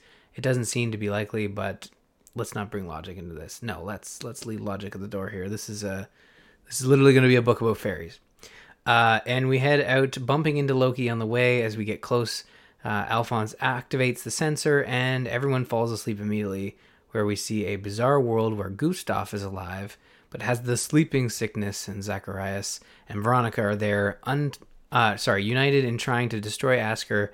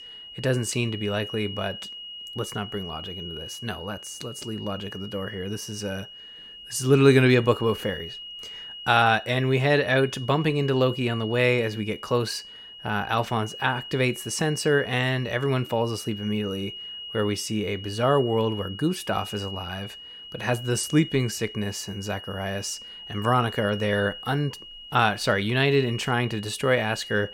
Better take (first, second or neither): first